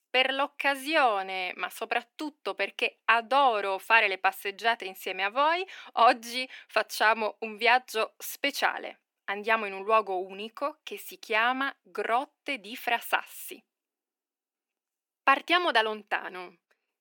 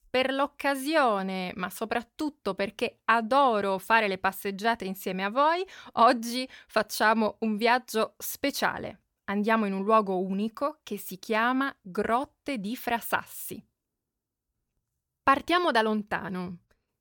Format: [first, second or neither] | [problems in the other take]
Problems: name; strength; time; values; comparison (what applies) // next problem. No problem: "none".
second | thin; somewhat; fading below 300 Hz